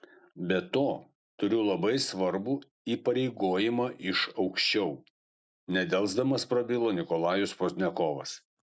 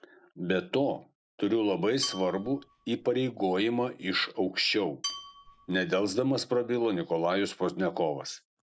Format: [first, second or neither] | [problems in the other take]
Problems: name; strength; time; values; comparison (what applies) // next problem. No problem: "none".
first | background sound (Dishes, pots, and pans / Glass / Bell); 12 dB below the speech